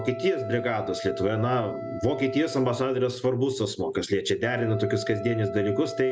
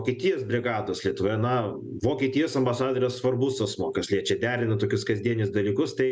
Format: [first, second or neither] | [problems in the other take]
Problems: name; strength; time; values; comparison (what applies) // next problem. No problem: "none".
second | background sound (Wind instrument, woodwind instrument); 11 dB below the speech